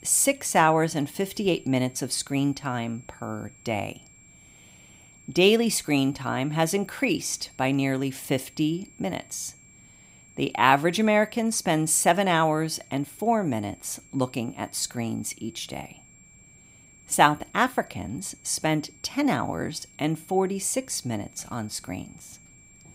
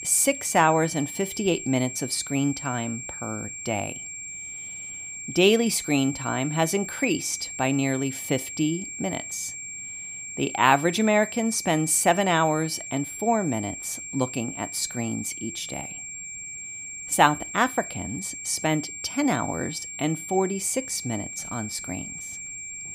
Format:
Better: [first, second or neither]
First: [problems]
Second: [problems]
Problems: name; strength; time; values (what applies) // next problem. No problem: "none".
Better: first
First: high-pitched whine; faint; throughout; 7.5 kHz, 25 dB below the speech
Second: high-pitched whine; loud; throughout; 7.5 kHz, 9 dB below the speech